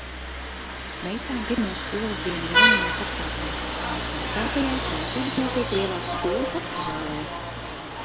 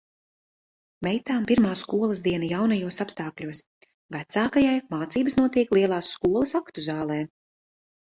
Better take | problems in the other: second | background sound (Vehicle horn, car horn, honking); 4 dB above the speech

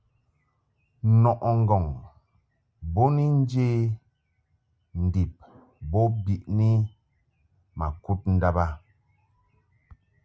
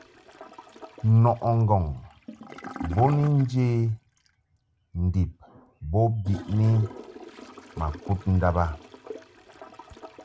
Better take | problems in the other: first | background sound (Toilet flush / Gurgling); 17 dB below the speech

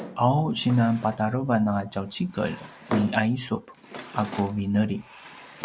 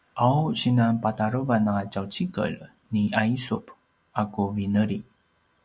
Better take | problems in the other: second | background sound (Drawer open or close); 13 dB below the speech

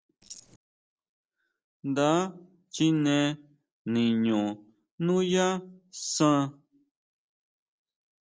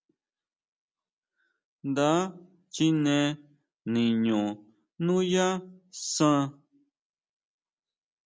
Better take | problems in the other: second | noise reduction (neural separator model SepFormer DNS4)

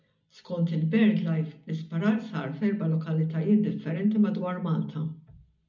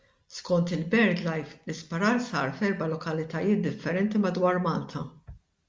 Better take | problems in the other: second | room echo; dies away in 0.4 s

